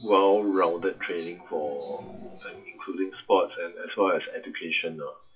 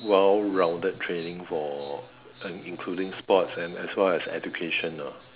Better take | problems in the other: second | noise reduction (classical method WPE with log-MMSE)

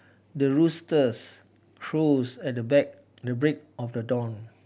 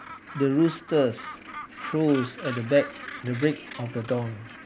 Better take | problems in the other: first | background sound (Gull, seagull); 13 dB below the speech

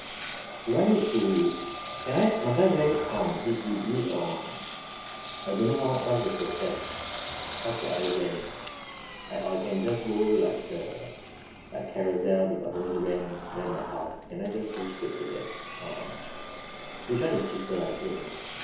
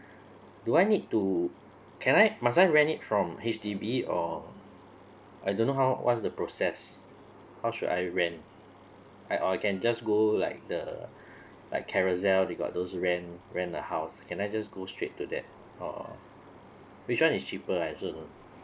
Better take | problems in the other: second | background sound (Engine); 10 dB below the speech // room echo; dies away in 1 s

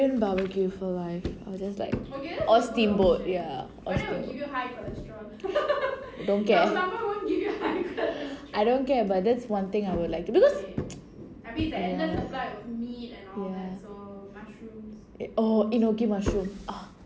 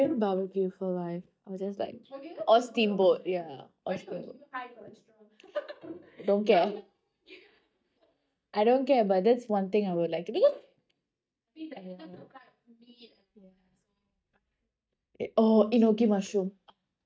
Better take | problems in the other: first | noise reduction (neural mask model DeepFilterNet 3)

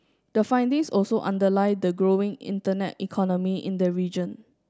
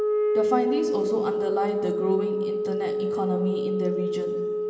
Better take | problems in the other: first | background sound (Wind instrument, woodwind instrument); 3 dB above the speech // room echo; dies away in 2.4 s

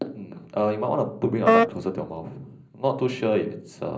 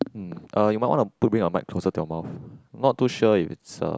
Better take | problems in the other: second | background sound (Wind instrument, woodwind instrument); 4 dB above the speech // room echo; dies away in 0.5 s

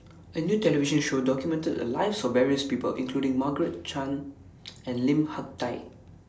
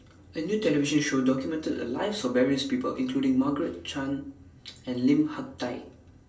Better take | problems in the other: first | room echo; dies away in 0.2 s

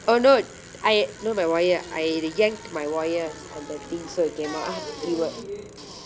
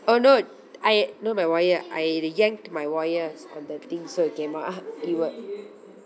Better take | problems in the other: second | background sound (Bicycle); 17 dB below the speech

